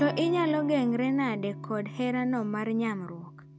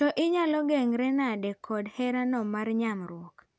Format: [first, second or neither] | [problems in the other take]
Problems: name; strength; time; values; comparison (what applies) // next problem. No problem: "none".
second | background sound (Electric guitar / Strum); 12 dB below the speech